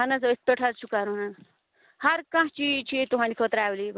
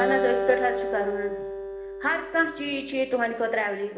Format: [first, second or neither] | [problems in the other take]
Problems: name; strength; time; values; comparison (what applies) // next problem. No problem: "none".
first | background sound (Acoustic guitar); 3 dB below the speech // room echo; dies away in 1 s